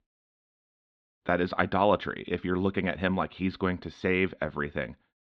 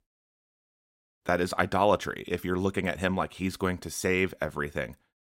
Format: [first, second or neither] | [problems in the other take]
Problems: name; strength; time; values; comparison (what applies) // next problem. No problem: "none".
second | muffled; slightly; fading above 4 kHz